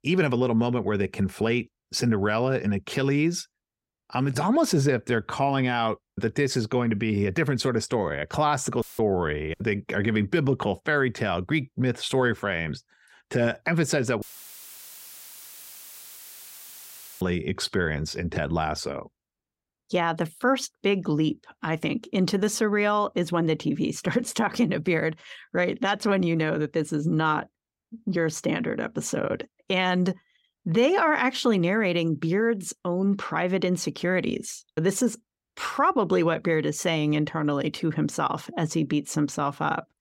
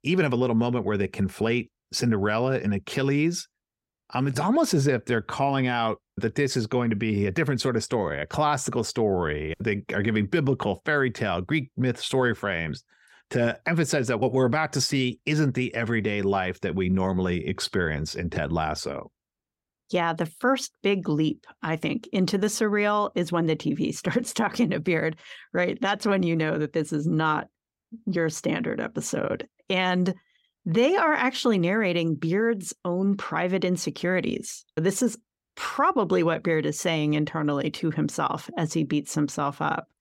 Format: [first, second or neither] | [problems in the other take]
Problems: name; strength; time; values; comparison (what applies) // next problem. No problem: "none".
second | audio cutting out; filled with static; at 9 s and at 14 s for 3 s